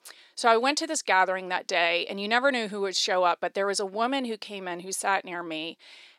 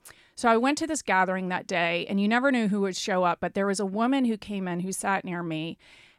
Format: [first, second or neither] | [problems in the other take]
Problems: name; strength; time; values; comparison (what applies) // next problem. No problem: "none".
second | thin; somewhat; fading below 450 Hz